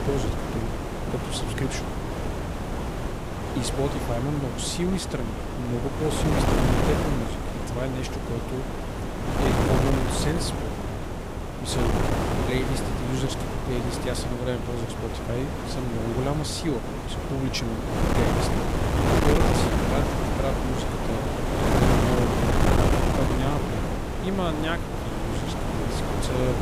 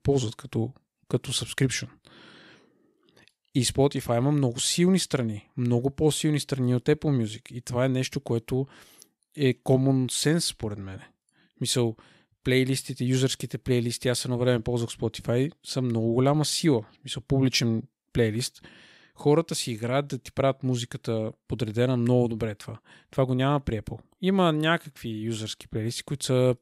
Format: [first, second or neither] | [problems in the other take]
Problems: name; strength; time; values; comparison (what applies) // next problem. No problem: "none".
second | wind noise on the microphone; heavy; 4 dB above the speech